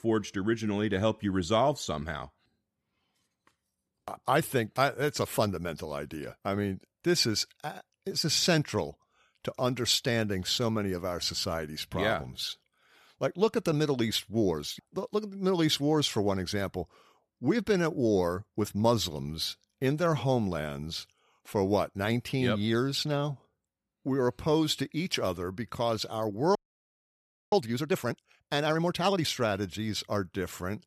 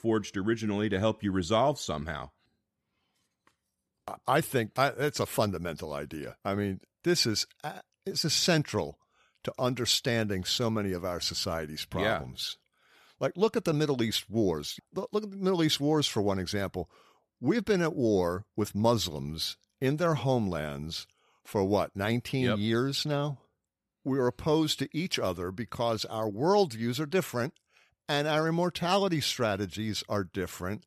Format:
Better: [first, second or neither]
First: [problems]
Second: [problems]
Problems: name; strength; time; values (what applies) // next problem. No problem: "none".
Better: second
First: audio freezing; at 27 s for 1 s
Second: none